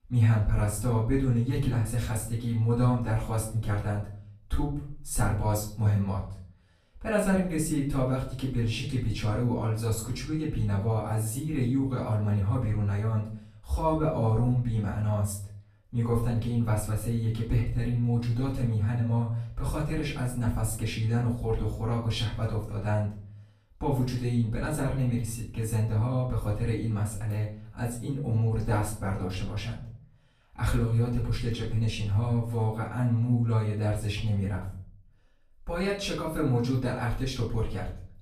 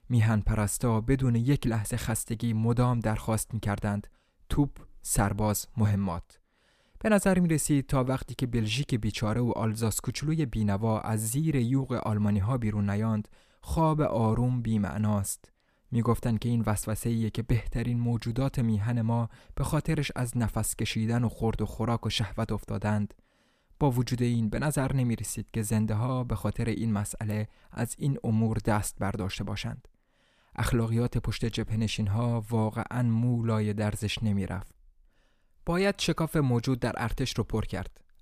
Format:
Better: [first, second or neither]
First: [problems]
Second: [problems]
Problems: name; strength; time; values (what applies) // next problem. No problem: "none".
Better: second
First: off-mic speech; far // room echo; slight; dies away in 0.5 s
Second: none